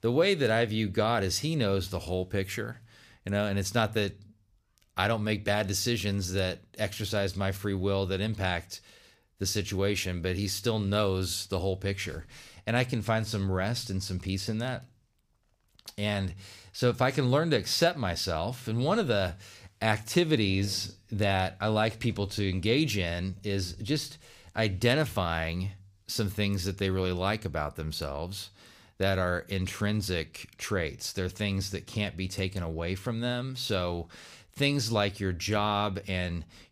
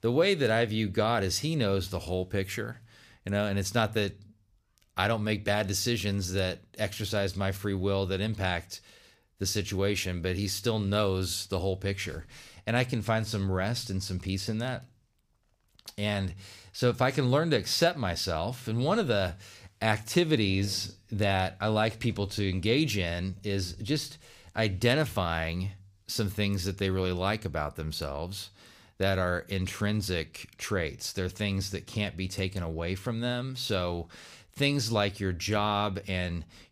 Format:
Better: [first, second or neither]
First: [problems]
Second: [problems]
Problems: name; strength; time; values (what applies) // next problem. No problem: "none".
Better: neither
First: none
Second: none